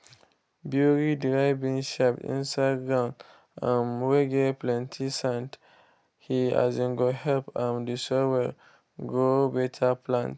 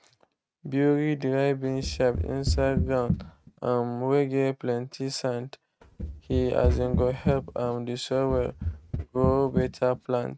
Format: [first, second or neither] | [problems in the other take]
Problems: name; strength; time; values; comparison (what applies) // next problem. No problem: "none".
first | noise reduction (neural mask model RNNoise)